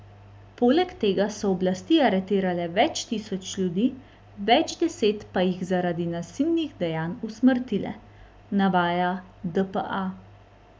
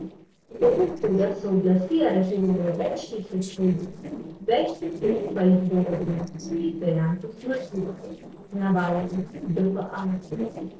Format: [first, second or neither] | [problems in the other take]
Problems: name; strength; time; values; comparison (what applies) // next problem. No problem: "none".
first | noise reduction (neural separator model SepFormer DNS4)